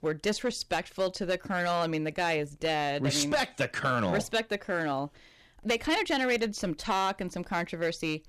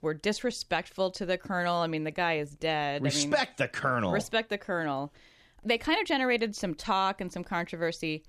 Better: second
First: distortion; slight; 6% of the sound clipped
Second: none

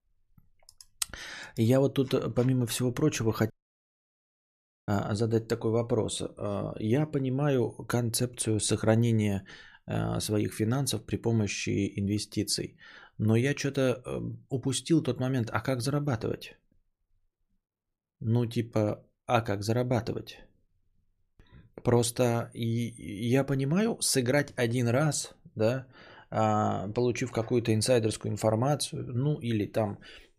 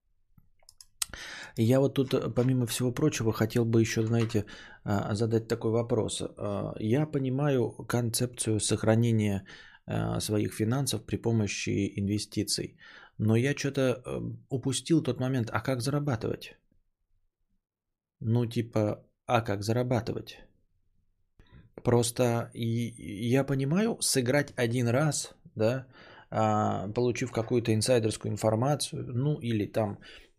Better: second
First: audio cutting out; at 3.5 s for 1.5 s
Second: none

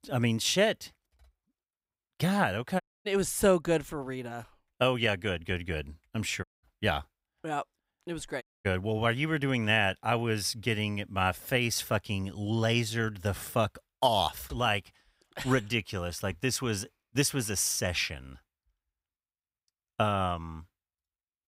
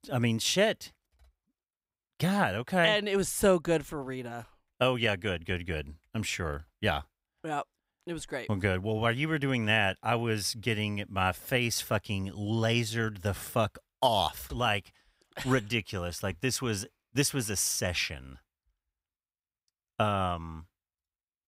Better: second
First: audio cutting out; at 3 s, at 6.5 s and at 8.5 s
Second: none

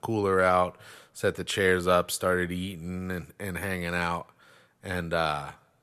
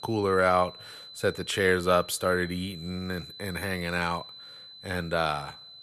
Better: first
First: none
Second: high-pitched whine; noticeable; throughout; 4 kHz, 15 dB below the speech

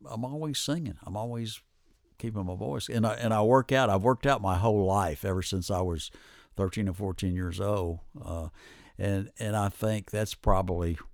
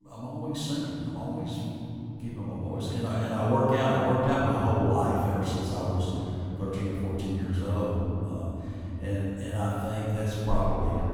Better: first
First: none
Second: room echo; strong; dies away in 3 s // off-mic speech; far

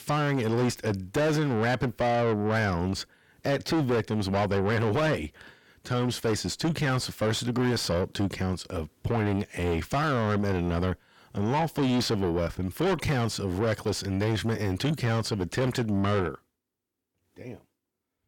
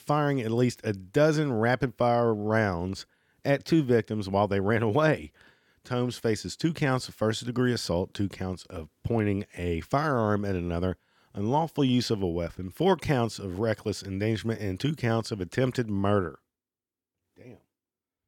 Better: second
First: distortion; heavy; 6 dB below the speech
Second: none

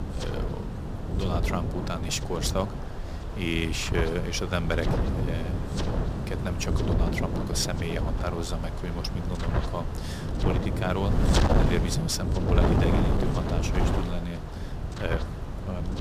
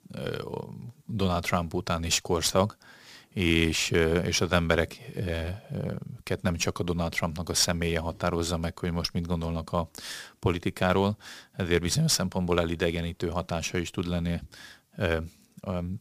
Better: second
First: wind noise on the microphone; heavy; 1 dB below the speech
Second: none

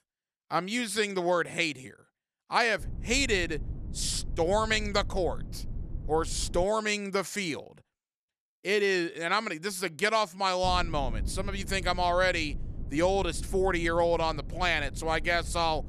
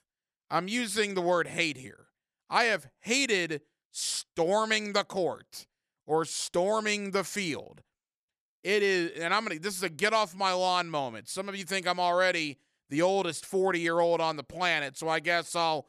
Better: second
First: low rumble; faint; from 3 to 6.5 s and from 11 s on; 25 dB below the speech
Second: none

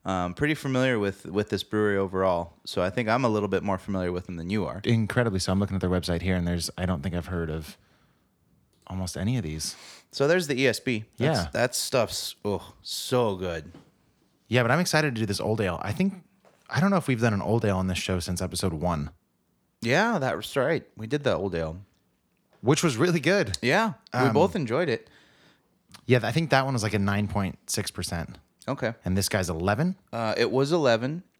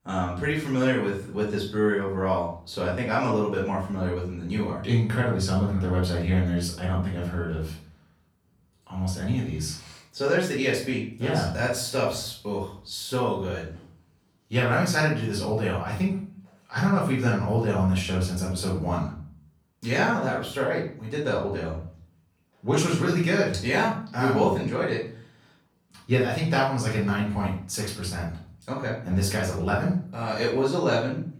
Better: first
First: none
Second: off-mic speech; far // room echo; noticeable; dies away in 0.4 s

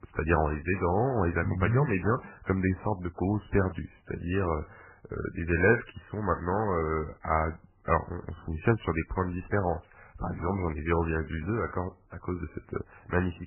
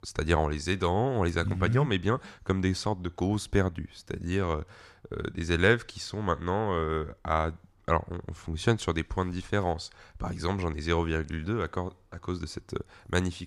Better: second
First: garbled, watery; badly; nothing above 2.5 kHz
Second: none

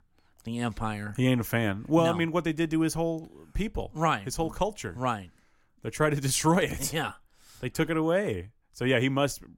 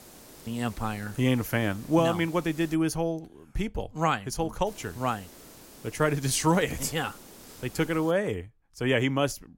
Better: first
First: none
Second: hiss; noticeable; until 2.5 s and from 4.5 to 8 s; 20 dB below the speech

